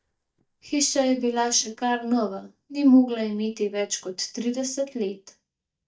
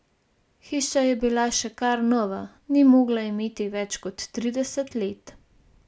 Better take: second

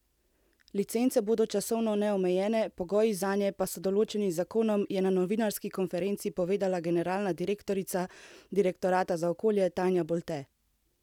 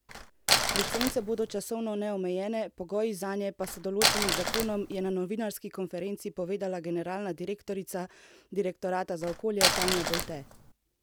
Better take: first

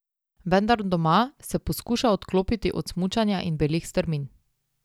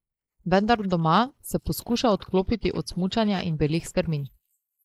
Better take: first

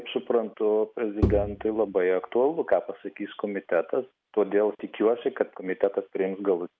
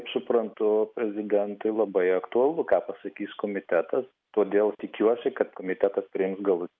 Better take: second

